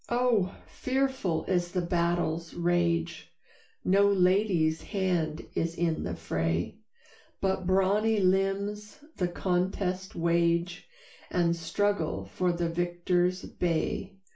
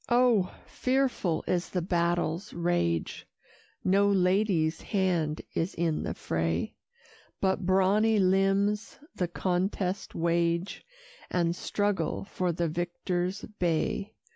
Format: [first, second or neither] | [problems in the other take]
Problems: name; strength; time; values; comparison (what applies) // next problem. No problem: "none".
second | room echo; dies away in 0.3 s